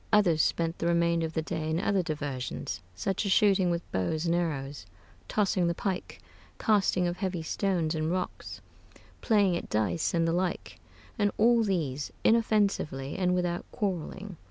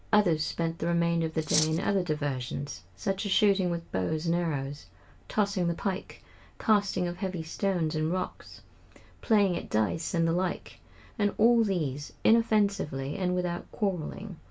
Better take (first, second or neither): first